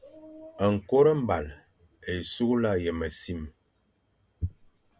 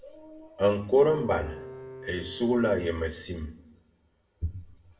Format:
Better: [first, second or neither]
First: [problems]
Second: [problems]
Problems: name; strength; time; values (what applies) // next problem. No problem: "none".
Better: first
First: none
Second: background sound (Bowed string instrument); 15 dB below the speech // room echo; dies away in 0.6 s